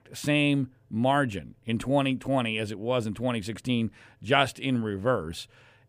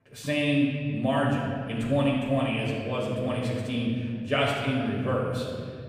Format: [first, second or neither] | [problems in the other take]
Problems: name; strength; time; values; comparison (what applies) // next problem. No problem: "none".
first | room echo; noticeable; dies away in 2.5 s // off-mic speech; far